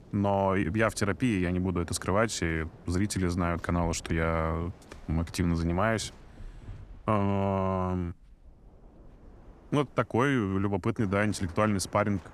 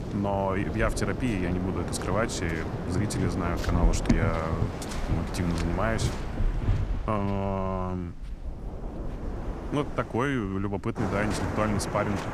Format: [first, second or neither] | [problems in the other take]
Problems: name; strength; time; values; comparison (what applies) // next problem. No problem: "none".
first | rain or running water; loud; throughout; 3 dB below the speech; faint in the first